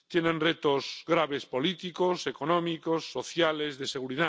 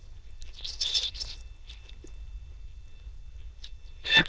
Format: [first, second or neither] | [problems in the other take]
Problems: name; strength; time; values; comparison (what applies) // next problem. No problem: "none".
first | noise reduction (neural diffusion model UNIVERSE++)